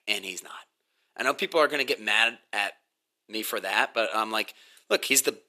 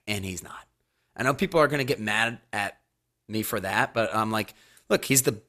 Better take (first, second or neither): second